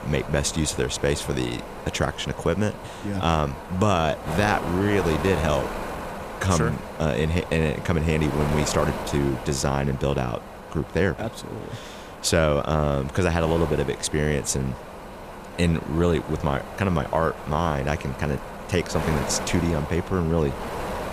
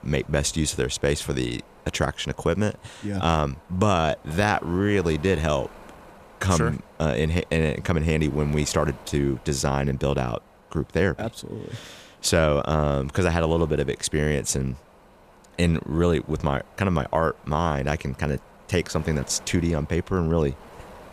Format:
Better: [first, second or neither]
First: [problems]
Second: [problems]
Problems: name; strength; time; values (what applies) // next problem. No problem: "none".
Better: second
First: wind noise on the microphone; heavy; 8 dB below the speech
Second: wind noise on the microphone; occasional gusts; 20 dB below the speech